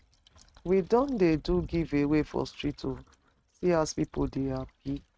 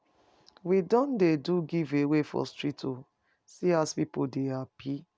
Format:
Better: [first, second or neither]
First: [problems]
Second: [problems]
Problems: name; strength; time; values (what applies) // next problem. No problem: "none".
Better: second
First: noise reduction (neural mask model RNNoise)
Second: none